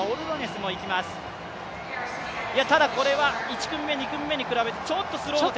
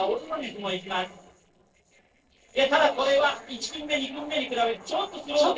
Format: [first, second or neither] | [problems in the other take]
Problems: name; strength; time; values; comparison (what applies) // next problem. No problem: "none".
first | noise reduction (neural separator model SepFormer DNS4)